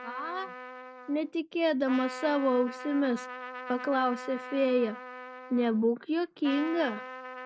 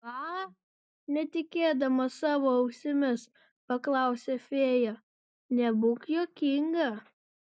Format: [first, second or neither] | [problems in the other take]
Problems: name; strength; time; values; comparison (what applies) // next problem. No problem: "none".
second | background sound (Trumpet); 12 dB below the speech